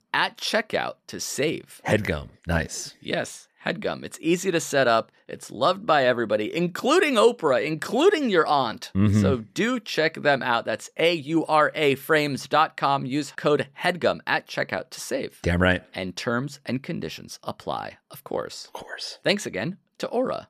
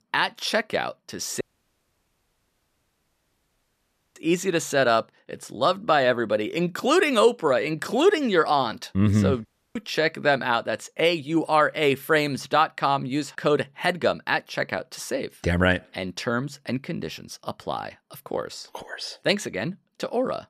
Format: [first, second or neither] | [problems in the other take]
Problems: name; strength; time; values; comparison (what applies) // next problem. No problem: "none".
first | audio cutting out; at 1.5 s for 3 s and at 9.5 s